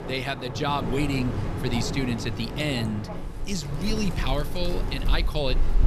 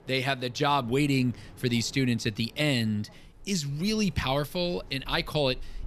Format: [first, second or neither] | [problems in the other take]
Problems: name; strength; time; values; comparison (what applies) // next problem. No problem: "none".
second | wind in the background; loud; throughout; 3 dB below the speech; faint in the second